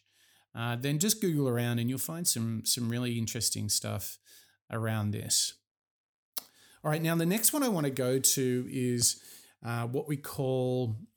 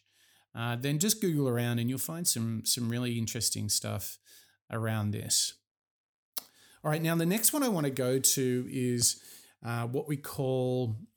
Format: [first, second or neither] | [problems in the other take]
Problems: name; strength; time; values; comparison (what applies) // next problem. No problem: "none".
neither | none